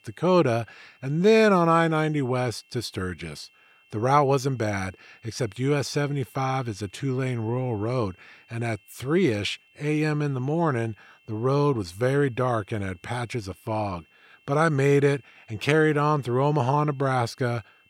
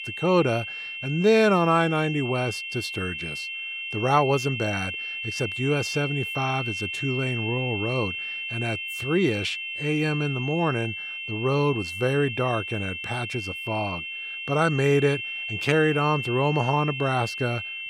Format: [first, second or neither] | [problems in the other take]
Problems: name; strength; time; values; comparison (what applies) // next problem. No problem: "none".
first | high-pitched whine; loud; throughout; 2.5 kHz, 5 dB below the speech; faint in the first